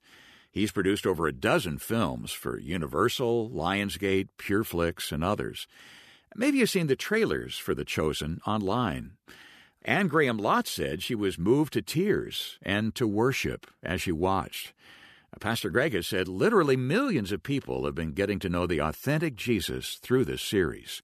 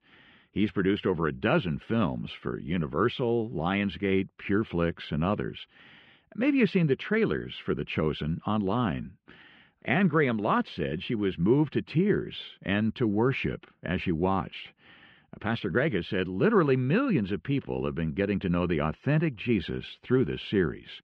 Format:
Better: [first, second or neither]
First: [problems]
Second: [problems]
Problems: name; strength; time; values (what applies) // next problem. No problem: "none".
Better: first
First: none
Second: muffled; very; fading above 3 kHz